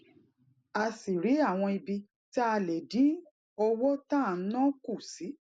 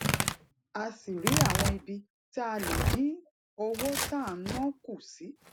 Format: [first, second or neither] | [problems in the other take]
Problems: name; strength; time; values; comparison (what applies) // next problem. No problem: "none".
first | background sound (Tearing); 2 dB above the speech